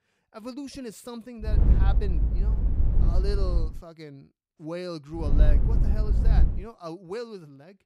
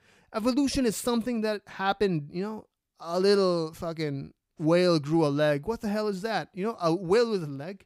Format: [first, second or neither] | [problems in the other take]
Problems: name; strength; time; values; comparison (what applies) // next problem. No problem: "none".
second | low rumble; loud; from 1.5 to 3.5 s and from 5 to 6.5 s; 3 dB below the speech